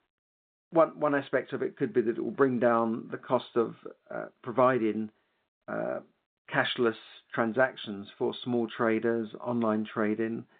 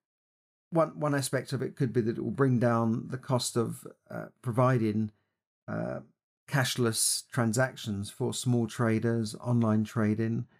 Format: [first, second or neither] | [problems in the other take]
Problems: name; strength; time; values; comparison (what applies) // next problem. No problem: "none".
second | phone-call audio; nothing above 3.5 kHz